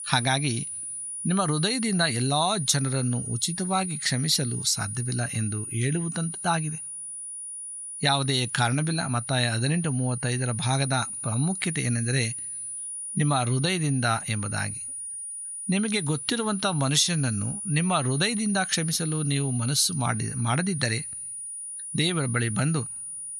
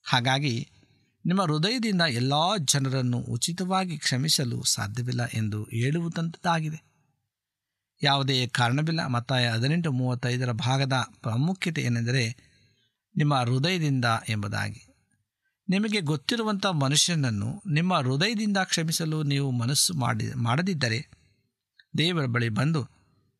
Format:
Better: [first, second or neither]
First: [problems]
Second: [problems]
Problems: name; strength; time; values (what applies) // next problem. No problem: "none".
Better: second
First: high-pitched whine; loud; throughout; 9.5 kHz, 7 dB below the speech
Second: none